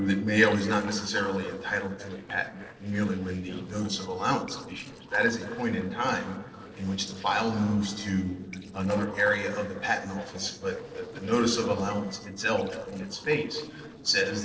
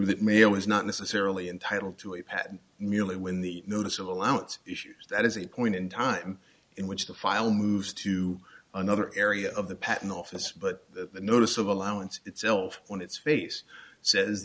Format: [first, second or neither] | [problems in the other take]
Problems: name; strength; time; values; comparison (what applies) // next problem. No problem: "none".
second | noise reduction (neural separator model SepFormer DNS4)